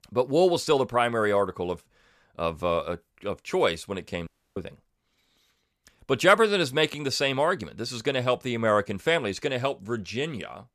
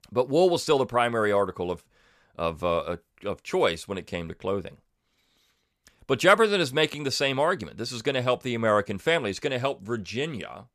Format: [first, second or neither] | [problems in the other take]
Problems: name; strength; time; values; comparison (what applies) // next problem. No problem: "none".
second | audio cutting out; at 4.5 s